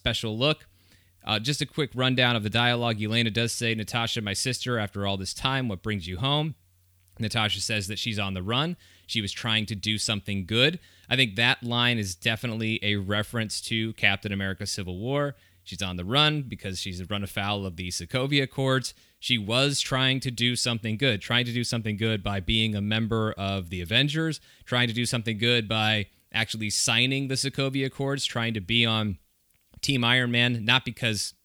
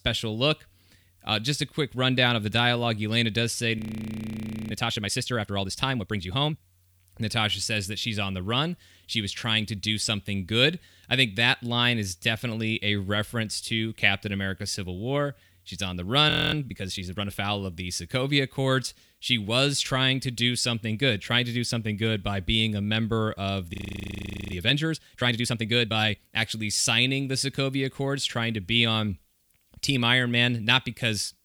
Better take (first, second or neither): first